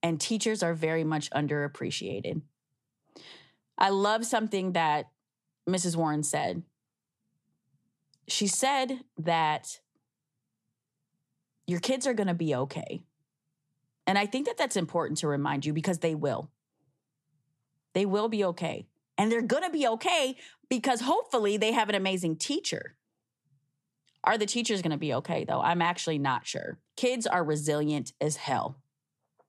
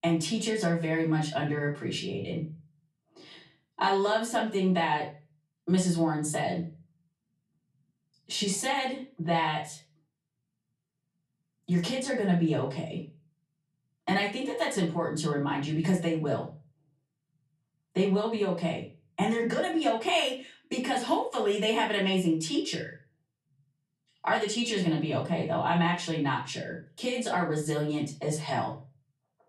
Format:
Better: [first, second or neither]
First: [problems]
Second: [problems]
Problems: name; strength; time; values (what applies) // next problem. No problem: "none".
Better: first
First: none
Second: off-mic speech; far // room echo; slight; dies away in 0.3 s